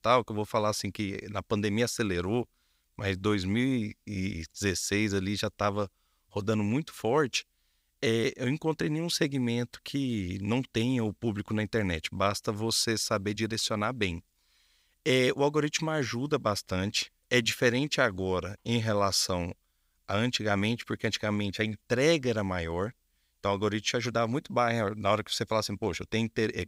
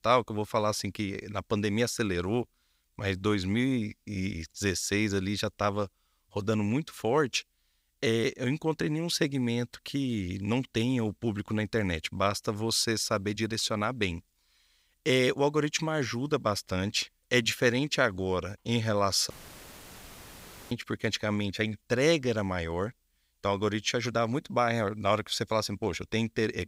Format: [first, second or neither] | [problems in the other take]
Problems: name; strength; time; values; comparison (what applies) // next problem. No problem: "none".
first | audio cutting out; filled with static; at 19 s for 1.5 s